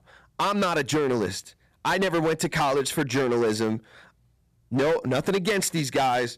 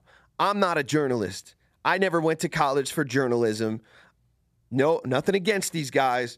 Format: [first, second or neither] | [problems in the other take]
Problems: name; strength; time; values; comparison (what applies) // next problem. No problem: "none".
second | distortion; heavy; 14% of the sound clipped